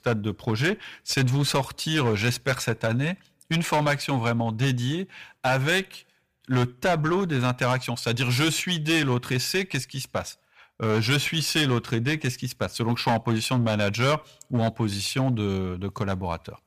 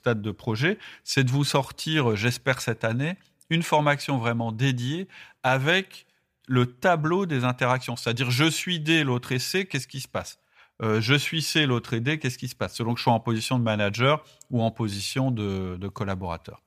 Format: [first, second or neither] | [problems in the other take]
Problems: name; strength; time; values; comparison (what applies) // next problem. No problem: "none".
second | distortion; slight; 10% of the sound clipped